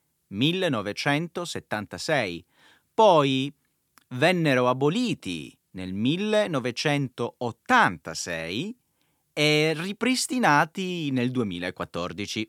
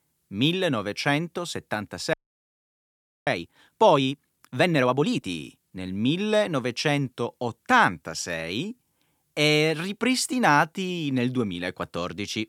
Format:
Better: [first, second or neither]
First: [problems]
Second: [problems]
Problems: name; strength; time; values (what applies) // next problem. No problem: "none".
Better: first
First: none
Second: audio freezing; at 2 s for 1 s